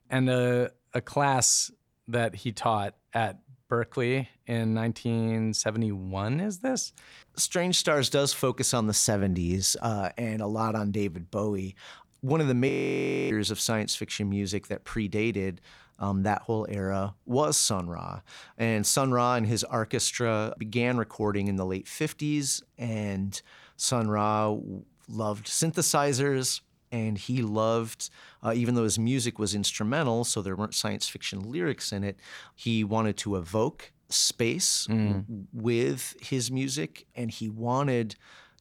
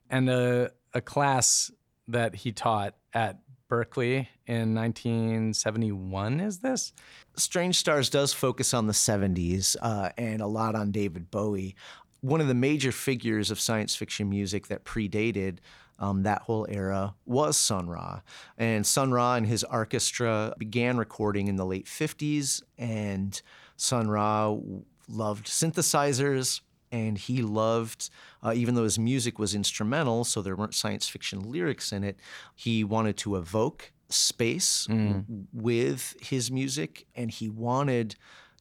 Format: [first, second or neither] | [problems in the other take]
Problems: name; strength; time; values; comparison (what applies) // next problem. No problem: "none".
second | audio freezing; at 13 s for 0.5 s